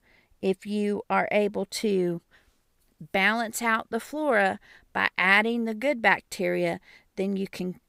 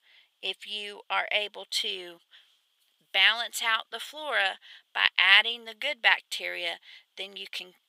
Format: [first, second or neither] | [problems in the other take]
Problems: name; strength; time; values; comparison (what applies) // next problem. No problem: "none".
first | thin; very; fading below 850 Hz